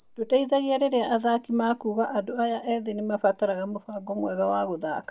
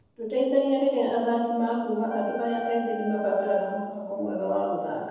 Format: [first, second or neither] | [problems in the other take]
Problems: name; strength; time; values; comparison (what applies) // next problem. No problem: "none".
first | background sound (Wind instrument, woodwind instrument); 13 dB below the speech // room echo; dies away in 1.1 s